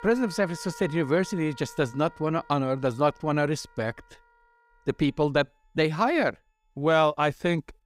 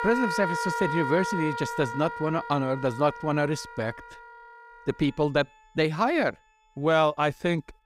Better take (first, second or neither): first